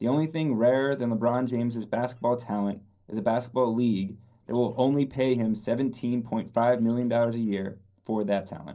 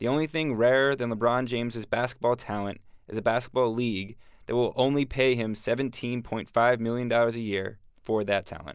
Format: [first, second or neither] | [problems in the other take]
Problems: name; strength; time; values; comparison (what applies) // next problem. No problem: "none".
second | noise reduction (neural separator model SepFormer DNS4)